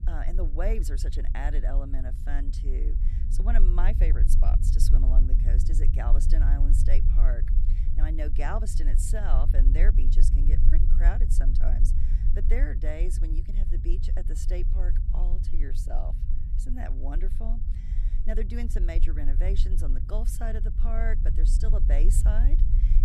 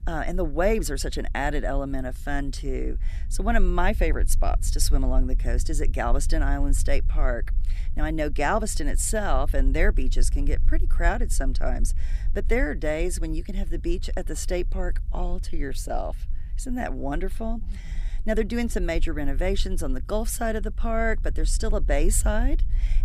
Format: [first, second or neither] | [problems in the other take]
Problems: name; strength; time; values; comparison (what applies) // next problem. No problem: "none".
second | low rumble; loud; throughout; 7 dB below the speech; faint in the second